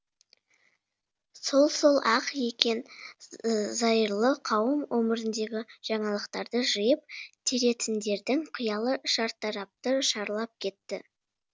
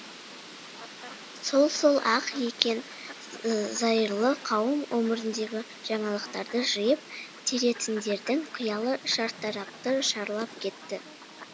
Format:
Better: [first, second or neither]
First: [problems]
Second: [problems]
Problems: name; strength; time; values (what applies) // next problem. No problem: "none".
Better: first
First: none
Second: background sound (Fowl); 15 dB below the speech